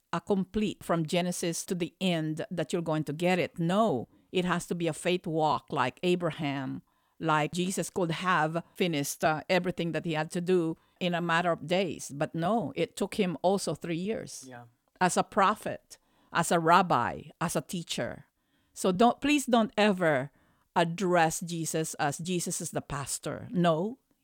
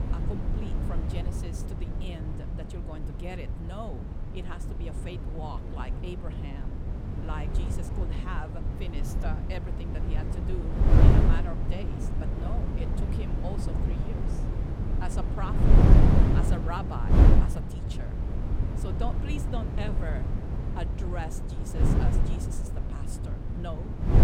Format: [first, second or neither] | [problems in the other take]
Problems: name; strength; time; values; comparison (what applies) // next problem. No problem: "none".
first | wind noise on the microphone; heavy; 3 dB above the speech